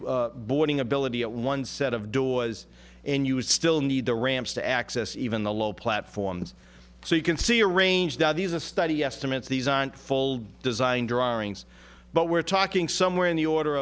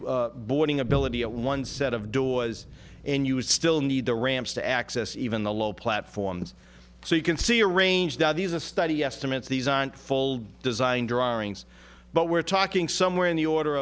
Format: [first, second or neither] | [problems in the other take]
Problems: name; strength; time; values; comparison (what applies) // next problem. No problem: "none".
first | background sound (Boom); 18 dB below the speech